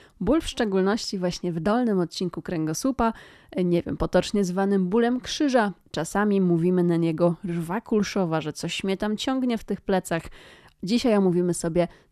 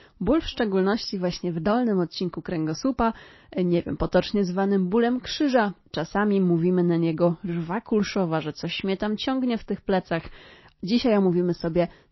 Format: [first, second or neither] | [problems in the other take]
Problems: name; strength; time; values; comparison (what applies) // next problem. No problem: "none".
first | garbled, watery; slightly; nothing above 5.5 kHz